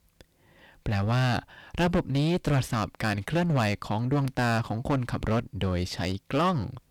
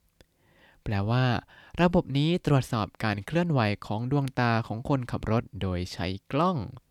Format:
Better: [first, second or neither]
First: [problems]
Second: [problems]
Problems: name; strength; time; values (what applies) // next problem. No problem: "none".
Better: second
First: distortion; heavy; 10% of the sound clipped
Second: none